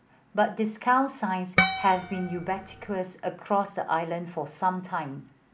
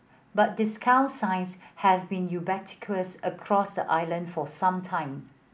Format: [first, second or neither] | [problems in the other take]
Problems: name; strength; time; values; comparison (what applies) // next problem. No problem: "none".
second | background sound (Harp); 1 dB below the speech